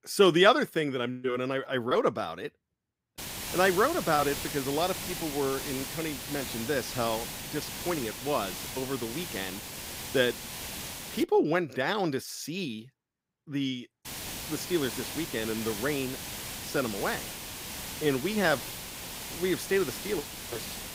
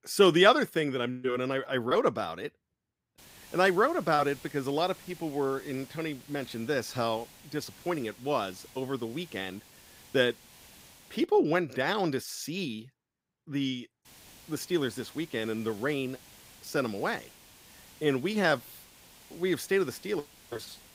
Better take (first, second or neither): second